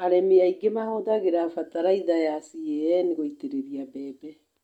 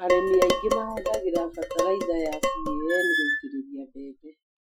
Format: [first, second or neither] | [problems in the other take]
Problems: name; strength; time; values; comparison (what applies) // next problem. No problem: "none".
first | noise reduction (classical method Wiener filter)